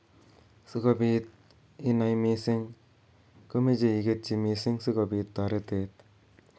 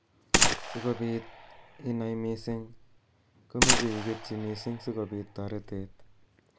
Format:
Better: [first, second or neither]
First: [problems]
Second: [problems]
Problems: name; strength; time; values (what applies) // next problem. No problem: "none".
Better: first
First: none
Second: background sound (Gunshot, gunfire); 4 dB above the speech